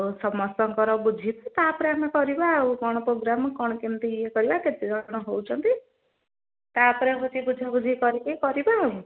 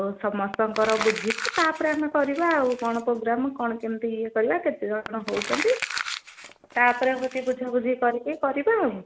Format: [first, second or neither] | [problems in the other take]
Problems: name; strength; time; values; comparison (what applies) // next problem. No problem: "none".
first | background sound (Crumpling, crinkling); 11 dB below the speech